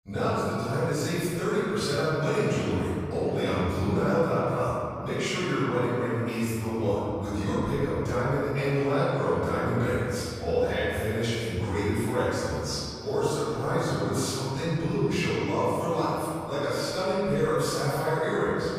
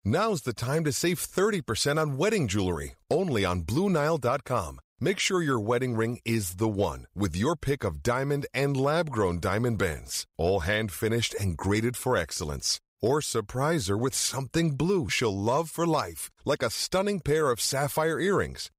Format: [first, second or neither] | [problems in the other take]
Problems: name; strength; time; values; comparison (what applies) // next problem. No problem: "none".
second | off-mic speech; far // room echo; strong; dies away in 2.5 s